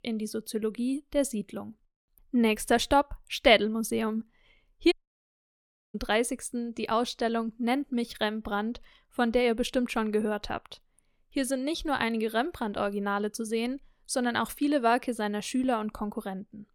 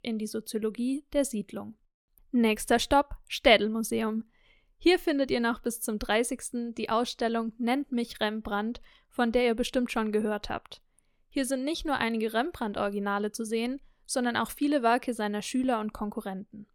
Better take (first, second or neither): second